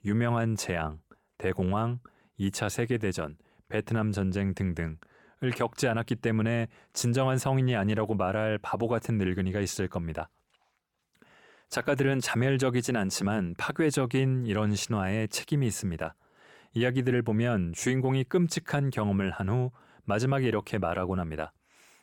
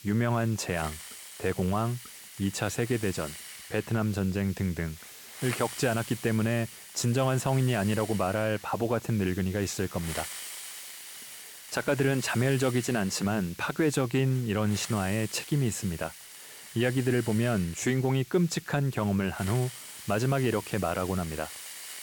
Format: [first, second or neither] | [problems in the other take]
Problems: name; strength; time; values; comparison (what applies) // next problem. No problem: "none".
first | hiss; noticeable; throughout; 15 dB below the speech